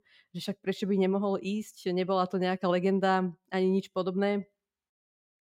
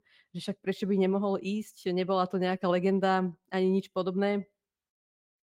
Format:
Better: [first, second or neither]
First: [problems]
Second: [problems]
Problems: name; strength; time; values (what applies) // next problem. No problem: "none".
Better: first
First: none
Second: garbled, watery; slightly; nothing above 16 kHz